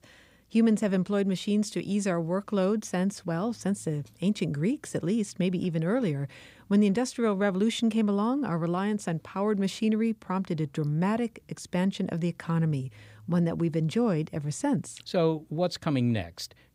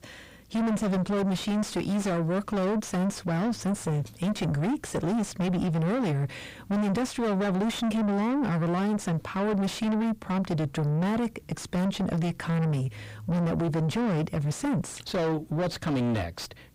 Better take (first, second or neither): first